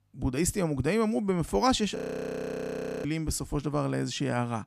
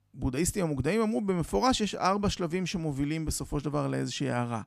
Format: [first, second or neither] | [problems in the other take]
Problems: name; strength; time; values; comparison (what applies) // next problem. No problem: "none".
second | audio freezing; at 2 s for 1 s